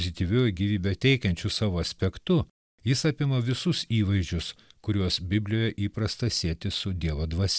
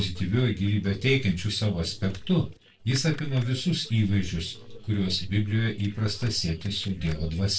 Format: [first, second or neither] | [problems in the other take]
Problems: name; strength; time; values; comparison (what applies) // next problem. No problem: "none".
first | noise reduction (neural separator model SepFormer DNS4)